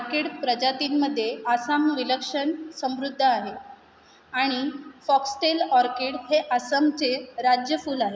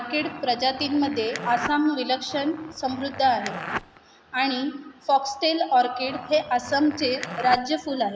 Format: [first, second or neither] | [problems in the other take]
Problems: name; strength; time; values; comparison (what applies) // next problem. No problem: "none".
first | background sound (Zipper (clothing)); 11 dB below the speech